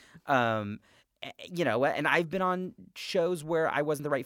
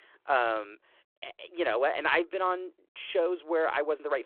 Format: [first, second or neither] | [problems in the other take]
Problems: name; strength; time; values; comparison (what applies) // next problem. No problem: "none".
first | phone-call audio